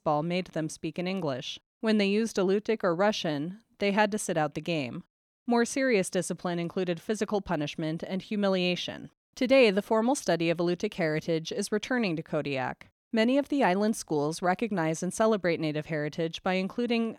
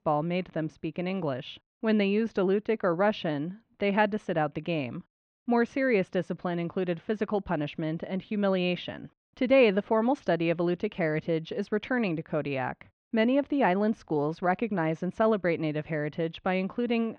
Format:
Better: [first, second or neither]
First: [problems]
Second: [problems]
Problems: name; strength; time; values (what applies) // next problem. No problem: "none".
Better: first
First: none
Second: muffled; slightly; fading above 3 kHz